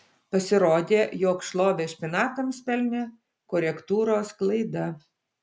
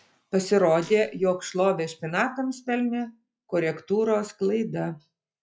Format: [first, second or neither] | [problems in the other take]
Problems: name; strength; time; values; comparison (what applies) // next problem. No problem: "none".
first | noise reduction (classical method log-MMSE)